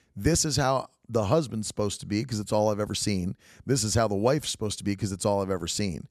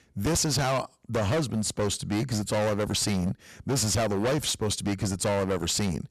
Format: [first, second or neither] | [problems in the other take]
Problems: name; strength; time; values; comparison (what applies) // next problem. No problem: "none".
first | distortion; heavy; 23% of the sound clipped